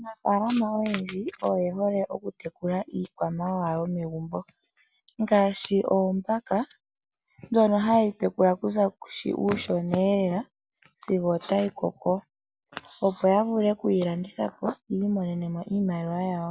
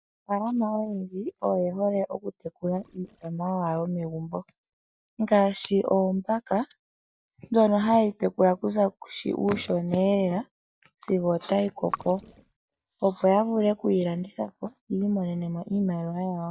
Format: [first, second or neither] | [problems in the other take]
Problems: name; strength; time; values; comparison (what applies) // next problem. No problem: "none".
first | noise reduction (neural mask model DeepFilterNet 3)